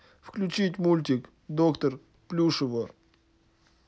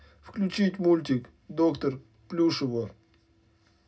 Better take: first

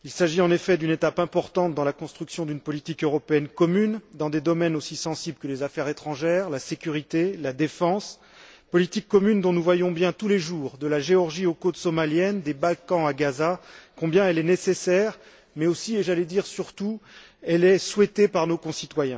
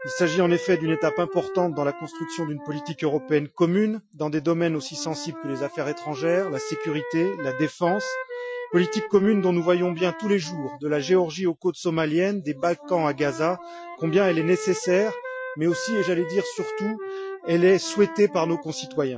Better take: first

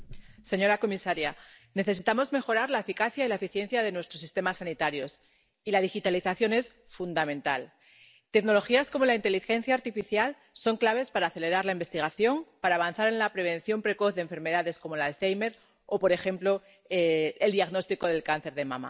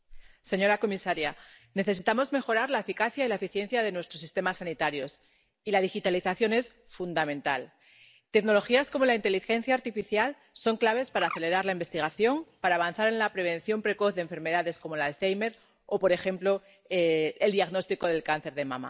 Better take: first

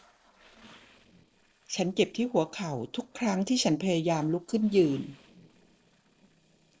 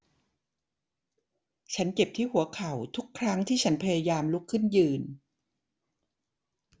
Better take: second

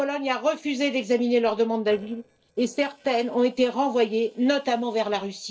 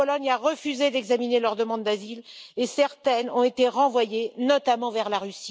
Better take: second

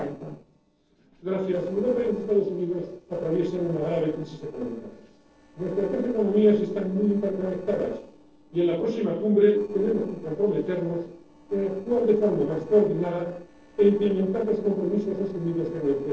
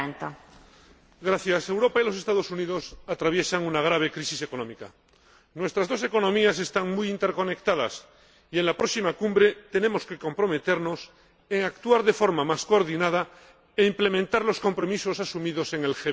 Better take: second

